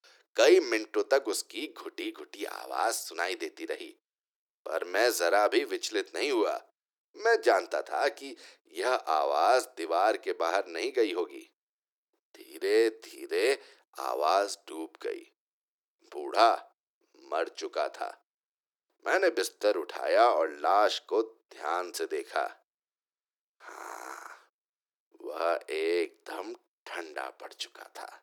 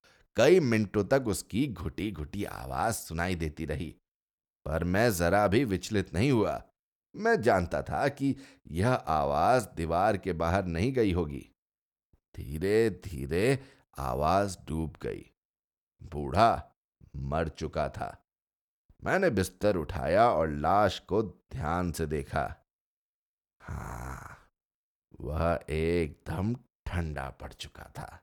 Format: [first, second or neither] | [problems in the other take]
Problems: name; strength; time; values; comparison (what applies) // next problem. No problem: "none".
second | thin; very; fading below 350 Hz